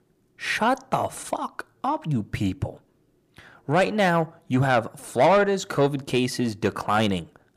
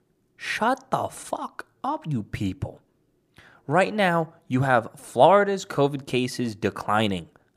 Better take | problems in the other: second | distortion; slight; 10 dB below the speech

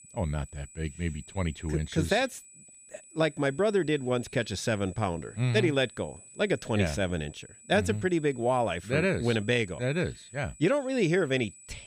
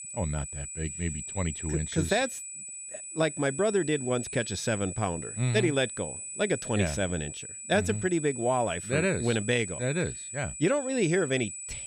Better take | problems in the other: first | high-pitched whine; loud; throughout; 8 kHz, 8 dB below the speech; faint in the first

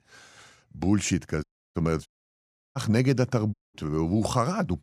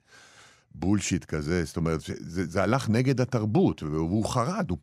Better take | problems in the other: second | audio cutting out; at 1.5 s, at 2 s for 0.5 s and at 3.5 s

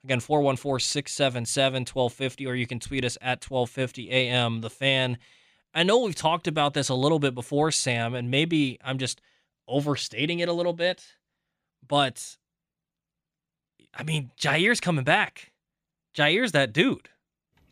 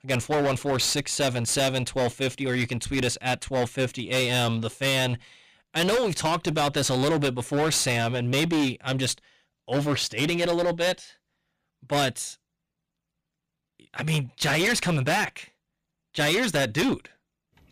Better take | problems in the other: first | distortion; heavy; 17% of the sound clipped

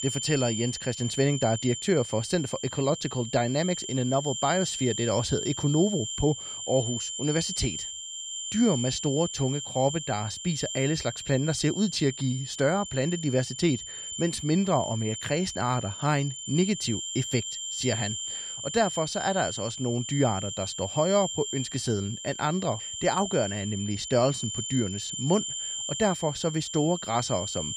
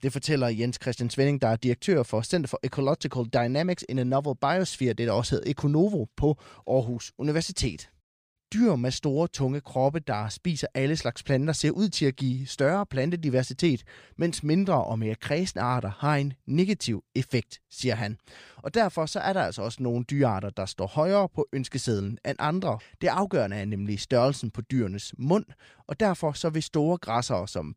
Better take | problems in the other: second | high-pitched whine; loud; throughout; 3 kHz, 6 dB below the speech

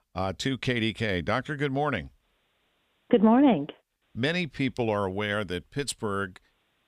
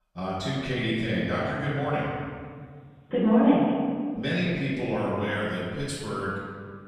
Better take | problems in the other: first | off-mic speech; far // room echo; strong; dies away in 1.8 s

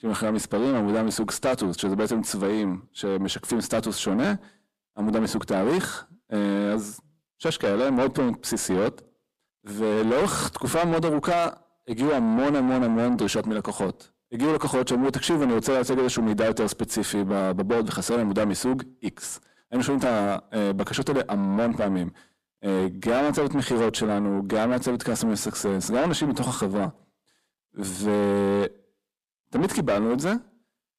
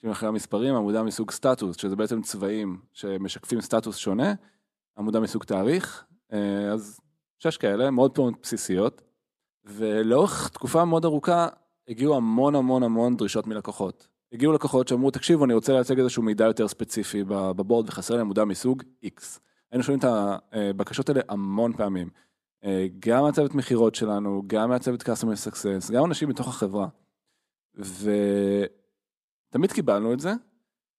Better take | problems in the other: second | distortion; heavy; 6 dB below the speech

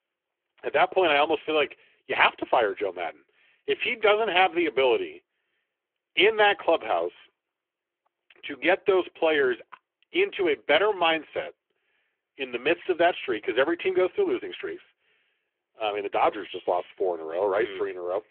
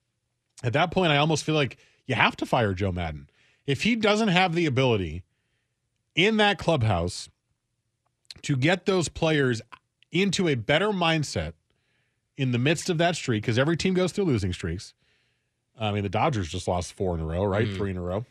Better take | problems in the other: second | phone-call audio; nothing above 3.5 kHz

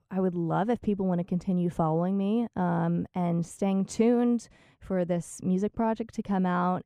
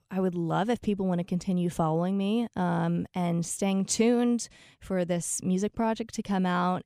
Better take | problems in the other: second | muffled; slightly; fading above 2 kHz

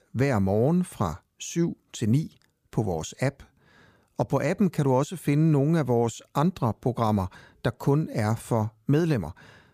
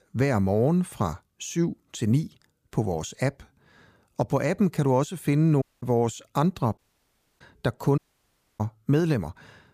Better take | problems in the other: first | audio cutting out; at 5.5 s, at 7 s for 0.5 s and at 8 s for 0.5 s

